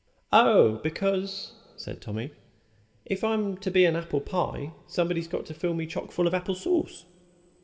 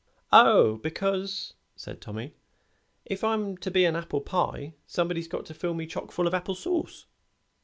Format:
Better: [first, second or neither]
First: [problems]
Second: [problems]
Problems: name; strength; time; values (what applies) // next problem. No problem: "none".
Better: second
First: room echo; dies away in 1.8 s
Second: none